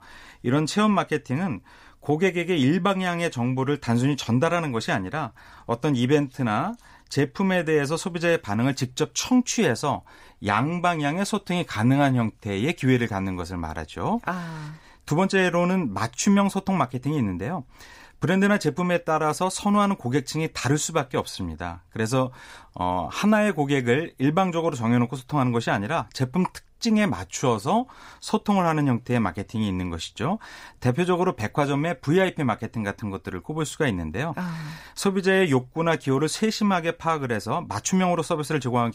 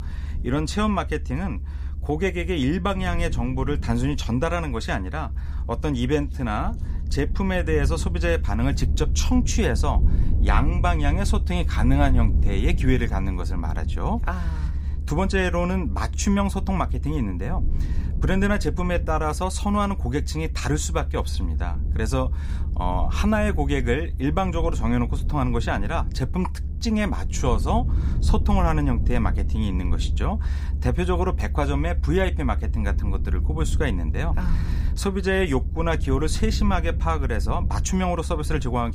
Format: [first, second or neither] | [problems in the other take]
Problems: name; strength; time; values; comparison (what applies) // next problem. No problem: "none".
first | low rumble; noticeable; throughout; 15 dB below the speech